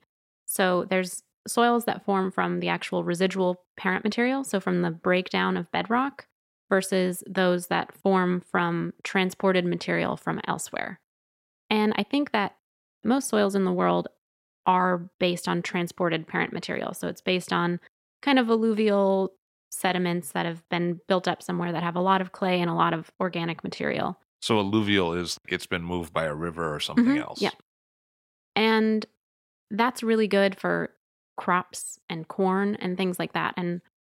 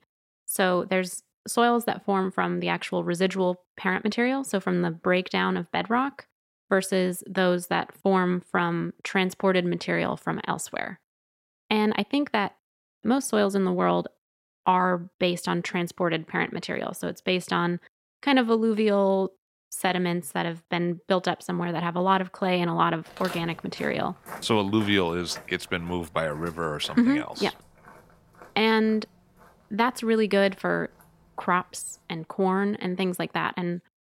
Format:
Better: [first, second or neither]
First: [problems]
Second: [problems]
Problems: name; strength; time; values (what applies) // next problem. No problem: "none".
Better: first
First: none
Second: footsteps; faint; from 23 to 31 s; peak 10 dB below the speech